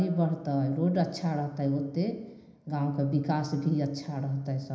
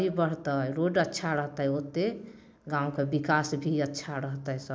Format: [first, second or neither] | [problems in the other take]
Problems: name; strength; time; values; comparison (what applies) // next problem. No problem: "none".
second | room echo; dies away in 0.9 s